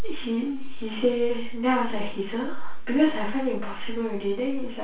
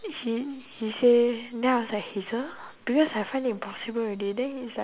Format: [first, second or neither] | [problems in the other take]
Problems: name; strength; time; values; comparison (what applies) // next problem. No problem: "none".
second | room echo; dies away in 0.3 s